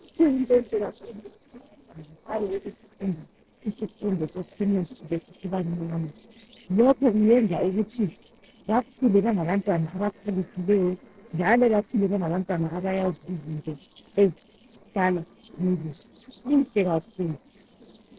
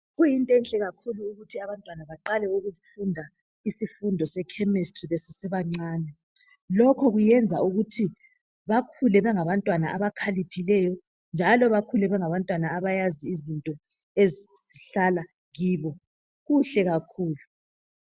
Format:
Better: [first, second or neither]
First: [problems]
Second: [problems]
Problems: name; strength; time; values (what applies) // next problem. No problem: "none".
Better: second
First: noise reduction (neural separator model SepFormer DNS4)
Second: none